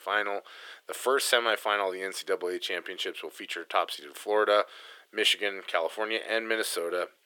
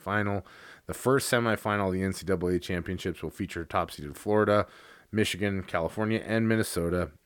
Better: second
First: thin; very; fading below 400 Hz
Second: none

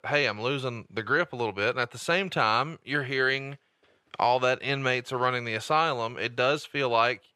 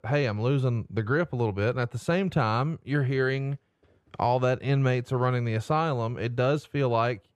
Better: second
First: thin; somewhat; fading below 800 Hz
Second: none

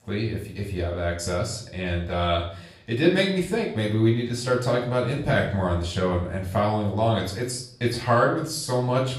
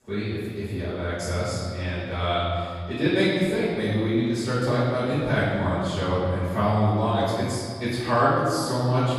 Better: first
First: room echo; slight; dies away in 0.5 s // off-mic speech; far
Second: room echo; strong; dies away in 1.9 s // off-mic speech; far

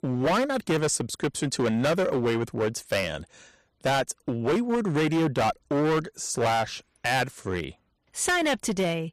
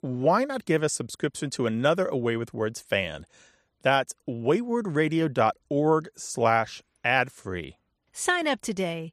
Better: second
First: distortion; heavy; 15% of the sound clipped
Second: none

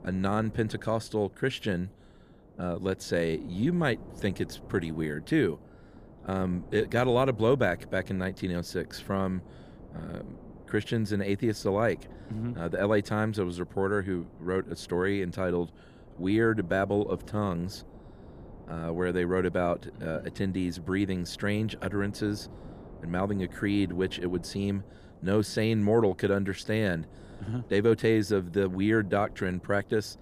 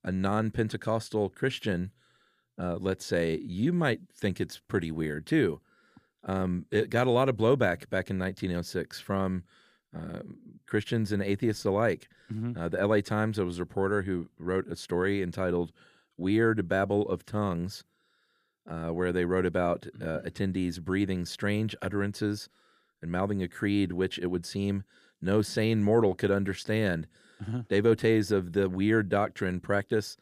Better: second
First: wind noise on the microphone; occasional gusts; 25 dB below the speech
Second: none

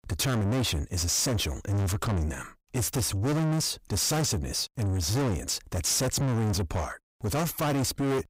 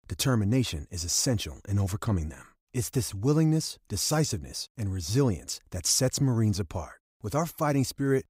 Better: second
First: distortion; heavy; 5 dB below the speech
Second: none

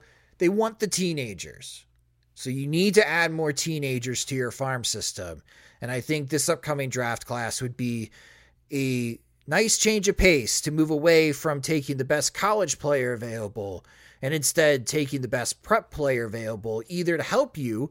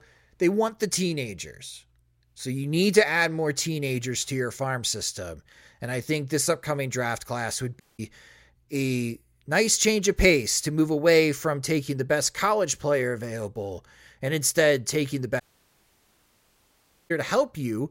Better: first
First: none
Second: audio cutting out; at 8 s and at 15 s for 1.5 s

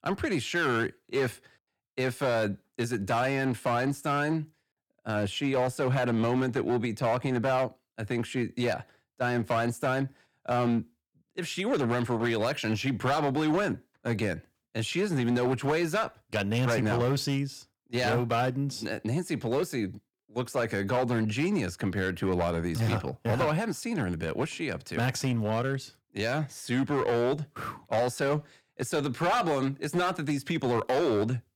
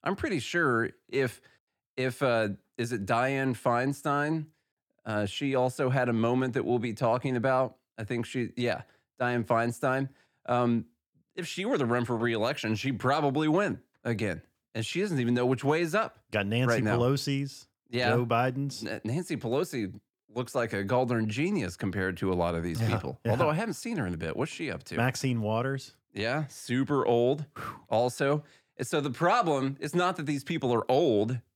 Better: second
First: distortion; slight; 8% of the sound clipped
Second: none

